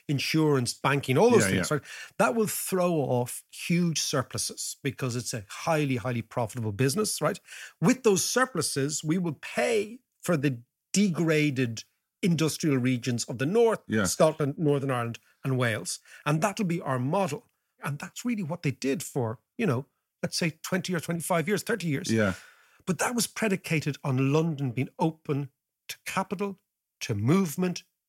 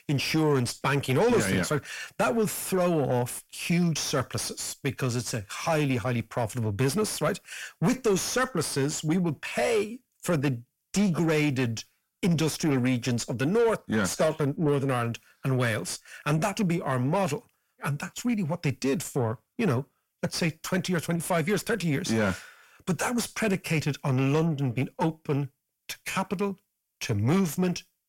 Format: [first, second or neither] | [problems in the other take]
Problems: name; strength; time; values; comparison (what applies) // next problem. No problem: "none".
first | distortion; slight; 10 dB below the speech